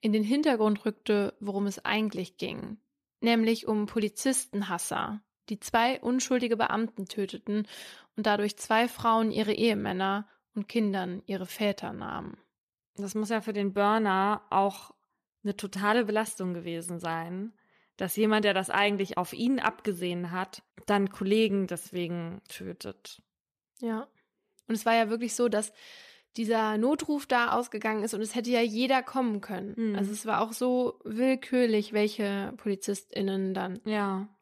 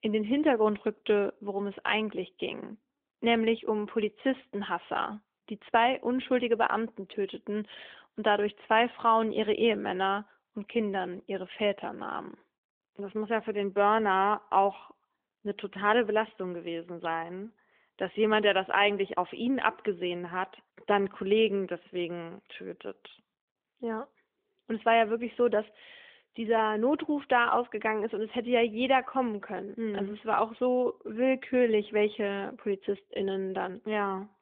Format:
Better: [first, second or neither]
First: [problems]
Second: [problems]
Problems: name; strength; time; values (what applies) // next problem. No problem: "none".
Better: first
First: none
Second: phone-call audio; nothing above 3.5 kHz